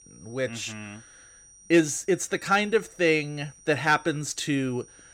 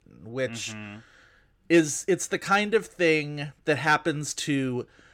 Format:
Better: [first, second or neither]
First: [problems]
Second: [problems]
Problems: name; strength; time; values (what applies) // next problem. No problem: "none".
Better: second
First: high-pitched whine; faint; throughout; 5.5 kHz, 25 dB below the speech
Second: none